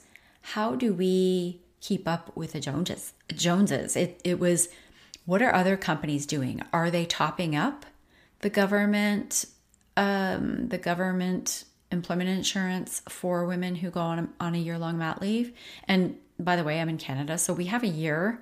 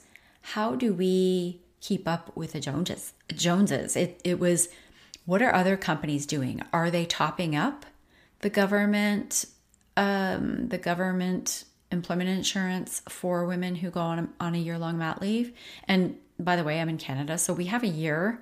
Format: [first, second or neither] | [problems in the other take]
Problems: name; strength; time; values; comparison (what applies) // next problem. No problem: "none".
neither | none